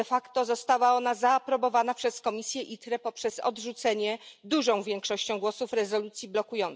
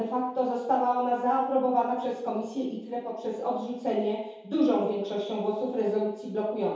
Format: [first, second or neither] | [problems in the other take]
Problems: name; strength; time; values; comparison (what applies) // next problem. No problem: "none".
first | room echo; dies away in 0.8 s